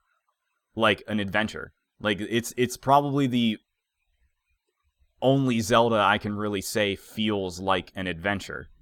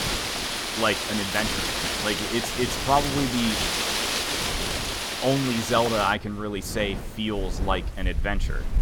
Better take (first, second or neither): first